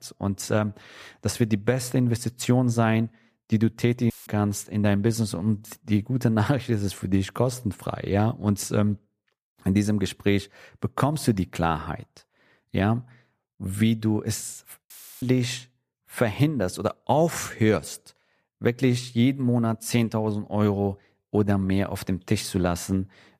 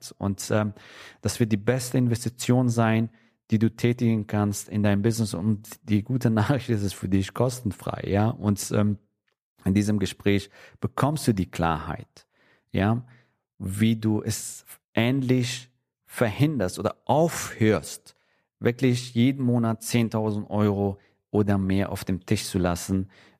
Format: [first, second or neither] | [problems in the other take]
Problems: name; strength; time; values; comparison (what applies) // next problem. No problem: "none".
second | audio cutting out; filled with static; at 4 s and at 15 s